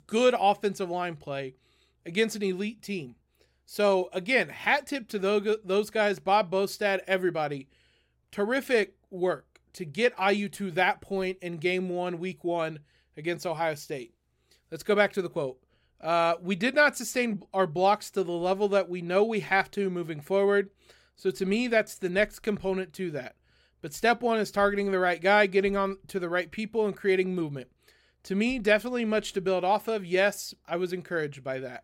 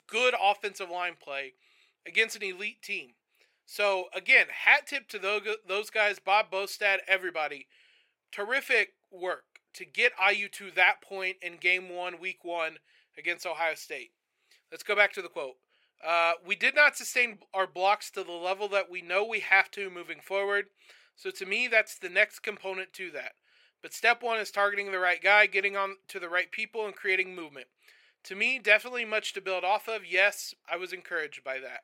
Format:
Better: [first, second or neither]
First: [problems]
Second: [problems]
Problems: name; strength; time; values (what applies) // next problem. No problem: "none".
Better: first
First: none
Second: thin; very; fading below 550 Hz